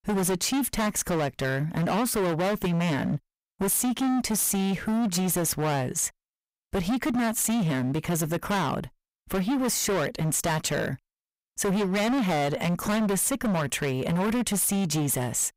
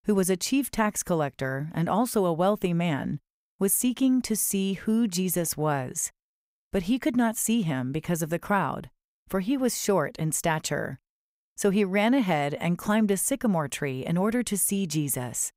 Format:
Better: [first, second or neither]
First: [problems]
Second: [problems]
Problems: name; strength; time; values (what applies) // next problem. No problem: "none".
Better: second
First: distortion; heavy; 30% of the sound clipped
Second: none